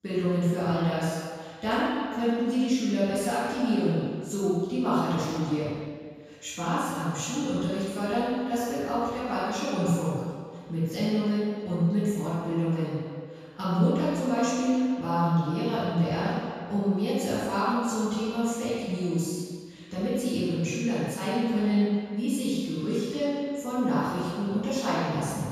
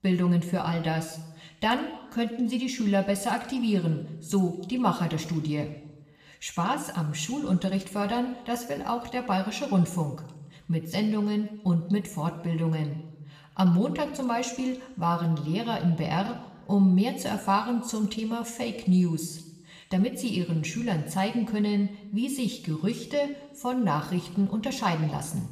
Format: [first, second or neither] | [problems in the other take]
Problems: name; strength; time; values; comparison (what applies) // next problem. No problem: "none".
second | room echo; strong; dies away in 1.8 s; slight in the second // off-mic speech; far